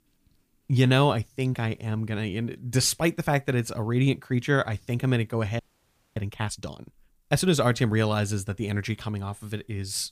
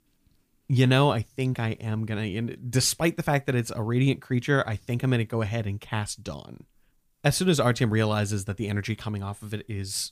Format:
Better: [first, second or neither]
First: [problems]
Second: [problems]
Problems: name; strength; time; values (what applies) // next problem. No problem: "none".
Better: second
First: audio freezing; at 5.5 s for 0.5 s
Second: none